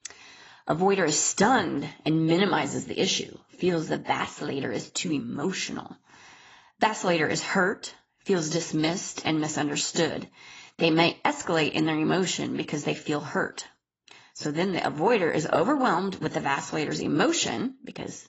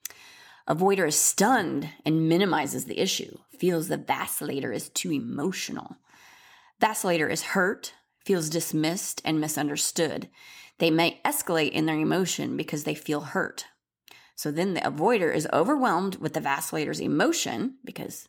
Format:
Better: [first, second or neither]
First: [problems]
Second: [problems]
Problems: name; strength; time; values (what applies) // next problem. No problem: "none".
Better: second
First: garbled, watery; badly; nothing above 7.5 kHz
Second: none